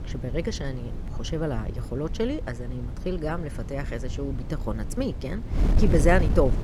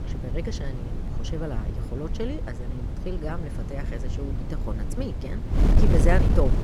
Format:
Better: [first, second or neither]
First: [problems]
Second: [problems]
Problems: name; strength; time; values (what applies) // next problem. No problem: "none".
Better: first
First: wind noise on the microphone; occasional gusts; 10 dB below the speech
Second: wind noise on the microphone; heavy; 4 dB below the speech